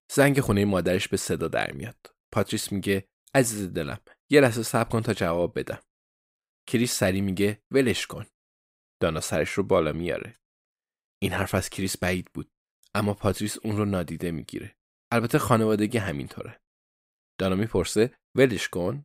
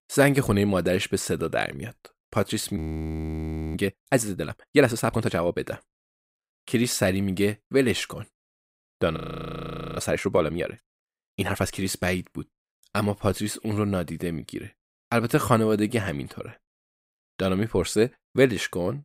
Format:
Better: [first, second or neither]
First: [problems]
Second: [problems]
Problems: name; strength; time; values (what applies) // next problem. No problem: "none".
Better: first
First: none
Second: audio freezing; at 3 s for 1 s and at 9 s for 1 s